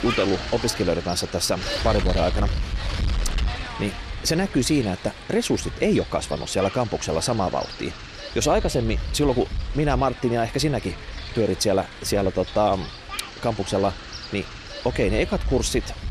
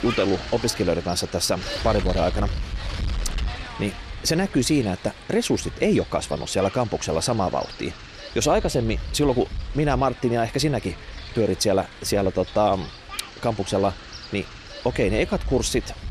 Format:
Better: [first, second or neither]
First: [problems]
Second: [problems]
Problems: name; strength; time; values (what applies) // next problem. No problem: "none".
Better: second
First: wind noise on the microphone; heavy; 9 dB below the speech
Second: wind noise on the microphone; occasional gusts; 10 dB below the speech